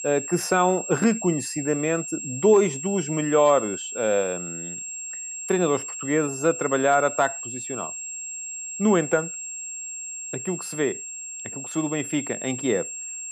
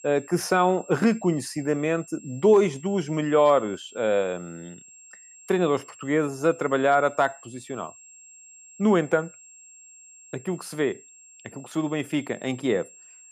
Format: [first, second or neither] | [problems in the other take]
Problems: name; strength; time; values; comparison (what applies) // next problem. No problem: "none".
second | high-pitched whine; loud; throughout; 7.5 kHz, 8 dB below the speech; faint in the second